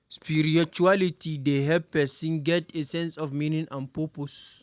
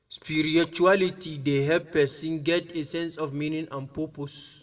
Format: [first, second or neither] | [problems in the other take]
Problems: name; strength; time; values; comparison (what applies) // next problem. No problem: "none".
first | room echo; dies away in 0.7 s